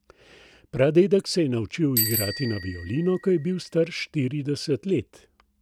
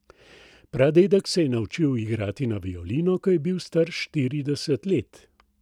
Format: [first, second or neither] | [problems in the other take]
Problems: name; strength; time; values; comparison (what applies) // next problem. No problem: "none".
second | background sound (Bicycle bell); 8 dB below the speech